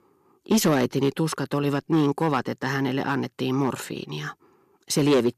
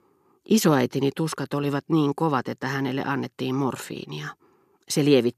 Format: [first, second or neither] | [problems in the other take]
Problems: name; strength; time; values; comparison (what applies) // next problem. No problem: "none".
second | distortion; slight; 4% of the sound clipped